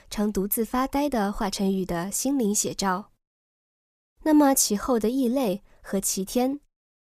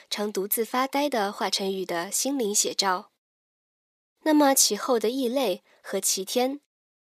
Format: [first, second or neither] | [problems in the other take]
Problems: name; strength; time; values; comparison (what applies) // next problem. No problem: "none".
first | thin; very slightly; fading below 400 Hz